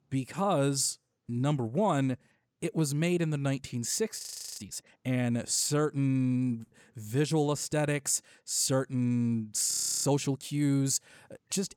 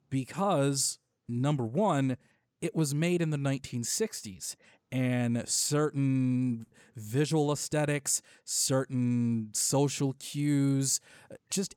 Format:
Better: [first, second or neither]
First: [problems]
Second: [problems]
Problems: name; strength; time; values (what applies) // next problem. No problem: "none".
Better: second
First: audio freezing; at 4 s and at 9.5 s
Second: none